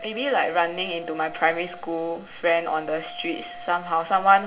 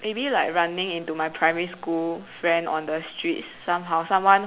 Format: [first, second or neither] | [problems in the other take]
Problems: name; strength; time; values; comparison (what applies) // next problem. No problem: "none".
second | background sound (Wind instrument, woodwind instrument); 17 dB below the speech // room echo; dies away in 0.4 s